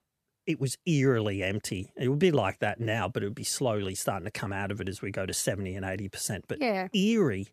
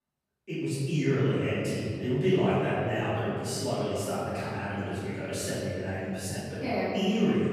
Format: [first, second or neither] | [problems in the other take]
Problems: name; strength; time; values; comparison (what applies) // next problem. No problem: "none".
first | off-mic speech; far // room echo; strong; dies away in 2.1 s